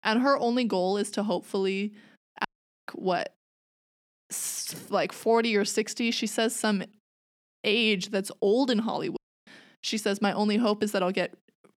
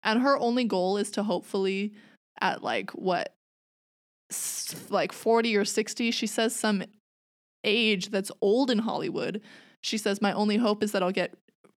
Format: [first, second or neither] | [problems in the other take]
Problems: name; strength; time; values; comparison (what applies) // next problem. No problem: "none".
second | audio cutting out; at 2.5 s and at 9 s